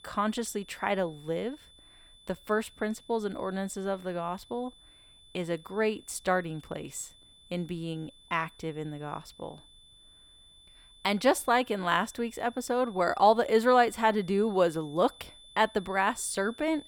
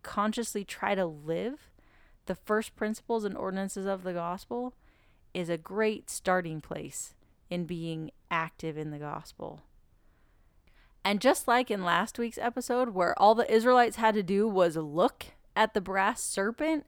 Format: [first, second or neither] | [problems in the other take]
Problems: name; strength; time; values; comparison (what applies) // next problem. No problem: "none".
second | high-pitched whine; faint; throughout; 3.5 kHz, 25 dB below the speech